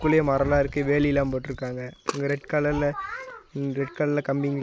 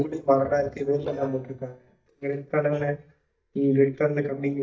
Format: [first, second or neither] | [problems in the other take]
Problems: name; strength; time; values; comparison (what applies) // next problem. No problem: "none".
first | noise reduction (neural mask model DeepFilterNet 3)